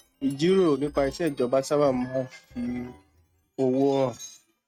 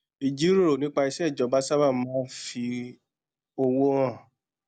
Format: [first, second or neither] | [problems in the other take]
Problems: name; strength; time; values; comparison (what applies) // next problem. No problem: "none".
second | noise reduction (neural mask model RNNoise)